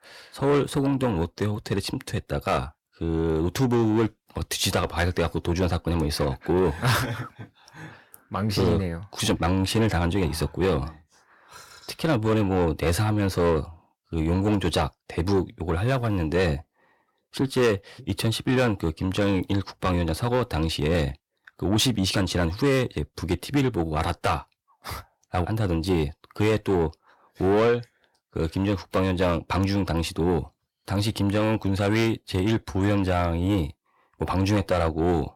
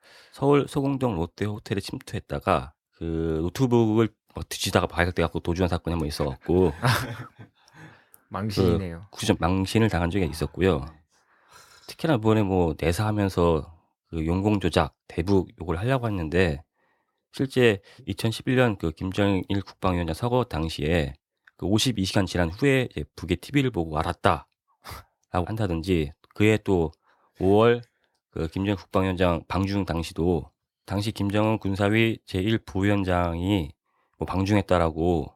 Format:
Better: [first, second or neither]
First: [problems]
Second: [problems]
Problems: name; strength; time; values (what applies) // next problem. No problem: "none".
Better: second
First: distortion; heavy; 7 dB below the speech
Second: none